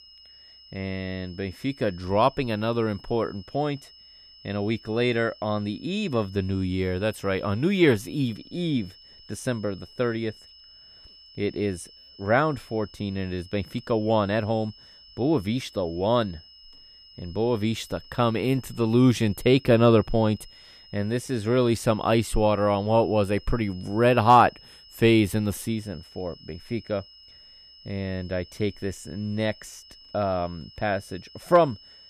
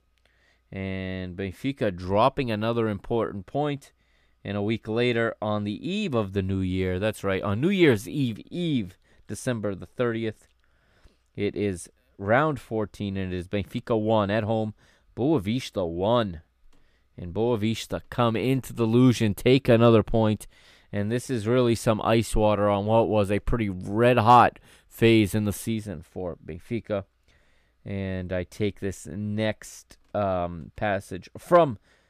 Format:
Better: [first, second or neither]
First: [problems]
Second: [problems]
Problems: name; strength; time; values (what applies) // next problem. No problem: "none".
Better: second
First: high-pitched whine; faint; throughout; 5 kHz, 25 dB below the speech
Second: none